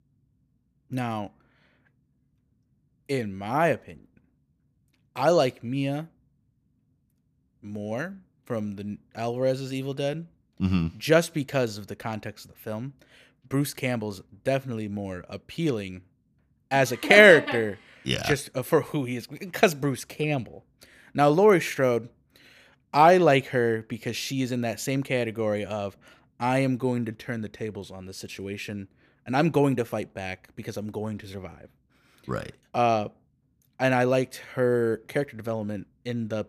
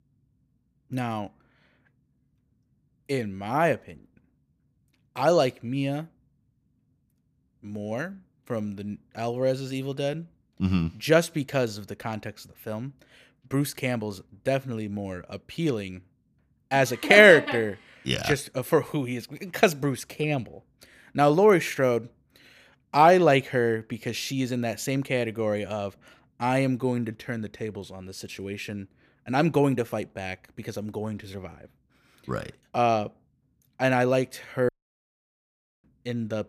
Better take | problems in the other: first | audio cutting out; at 35 s for 1 s

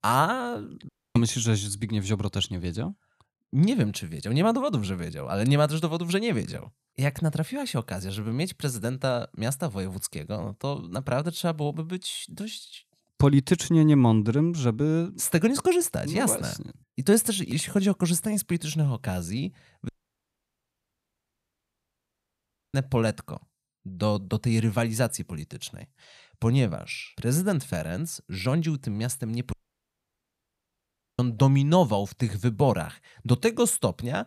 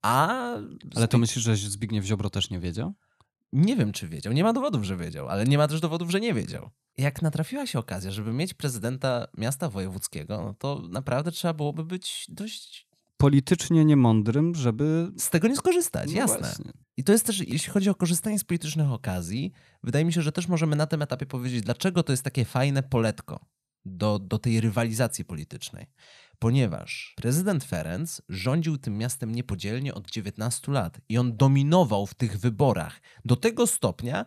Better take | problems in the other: second | audio cutting out; at 1 s, at 20 s for 3 s and at 30 s for 1.5 s

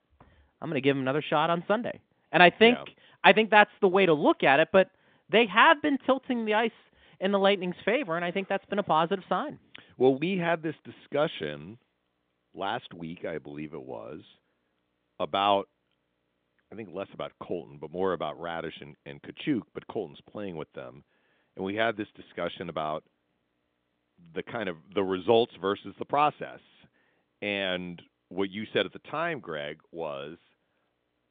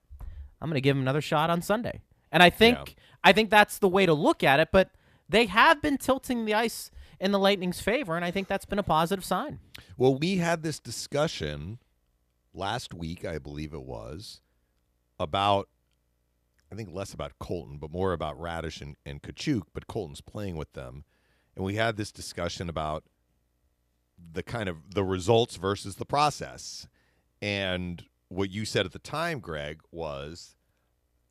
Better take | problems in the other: second | phone-call audio

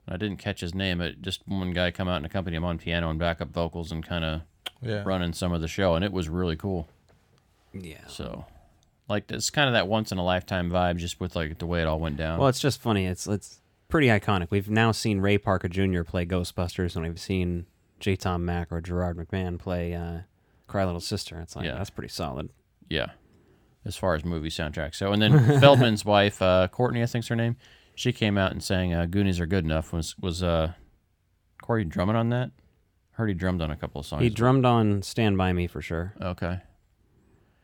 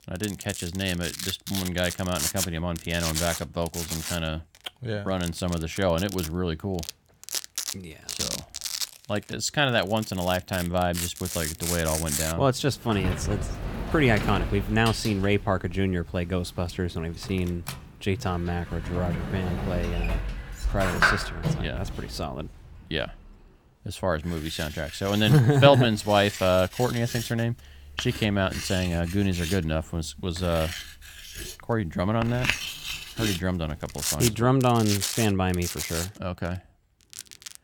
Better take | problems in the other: first | household noises; loud; throughout; 6 dB below the speech

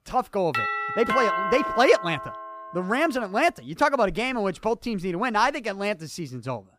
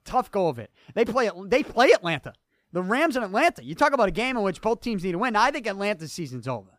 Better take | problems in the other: second | doorbell; loud; from 0.5 to 3 s; peak 1 dB above the speech

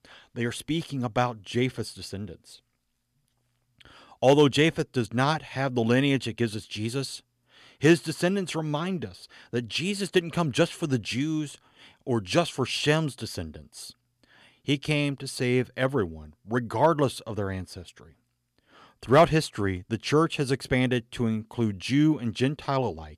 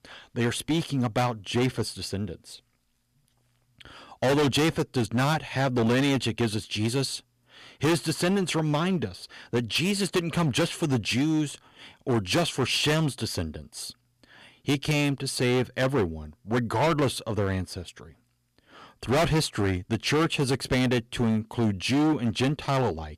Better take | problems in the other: first | distortion; heavy; 12% of the sound clipped

